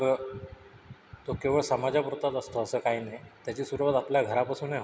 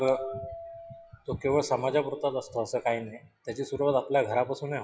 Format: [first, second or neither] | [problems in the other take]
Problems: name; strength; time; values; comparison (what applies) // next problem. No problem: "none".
first | noise reduction (classical method log-MMSE)